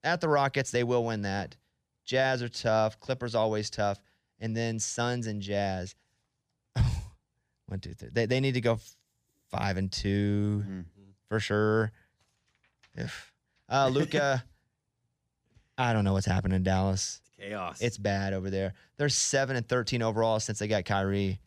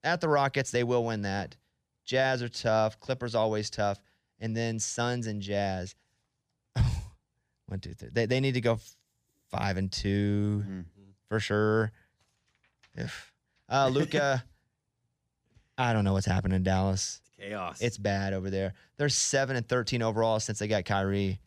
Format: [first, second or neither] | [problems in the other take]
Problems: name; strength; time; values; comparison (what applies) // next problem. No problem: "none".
neither | none